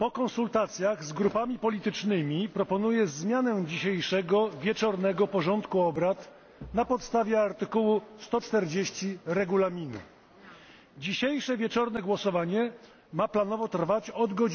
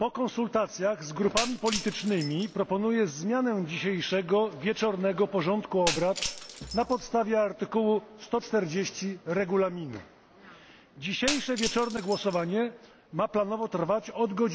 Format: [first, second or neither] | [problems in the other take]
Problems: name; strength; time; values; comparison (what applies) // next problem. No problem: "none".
first | background sound (Shatter); 10 dB below the speech